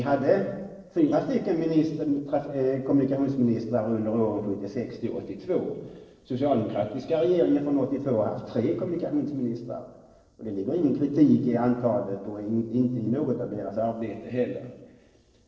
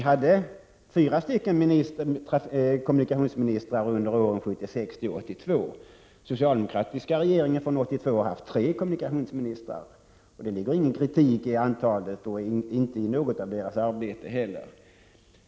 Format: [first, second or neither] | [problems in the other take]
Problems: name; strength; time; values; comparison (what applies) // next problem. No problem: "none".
second | noise reduction (neural separator model SepFormer DNS4)